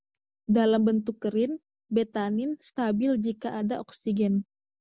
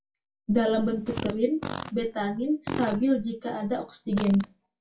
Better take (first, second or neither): first